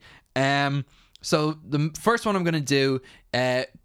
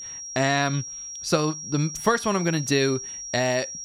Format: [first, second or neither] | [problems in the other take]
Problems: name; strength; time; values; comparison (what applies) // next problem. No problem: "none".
first | high-pitched whine; loud; throughout; 5.5 kHz, 9 dB below the speech